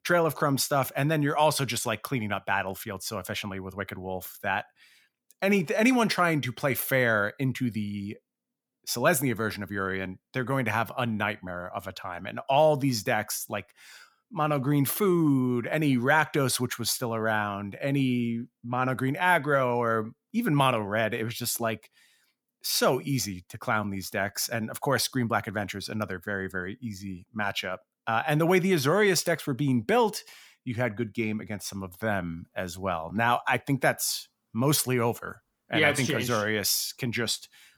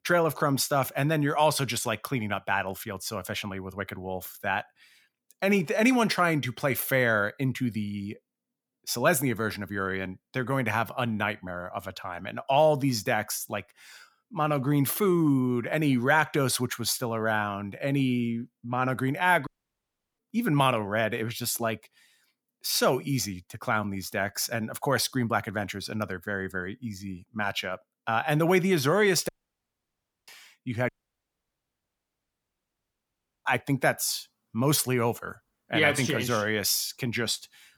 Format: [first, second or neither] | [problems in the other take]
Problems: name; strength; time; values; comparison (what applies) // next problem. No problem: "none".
first | audio cutting out; at 19 s for 0.5 s, at 29 s for 1 s and at 31 s for 2.5 s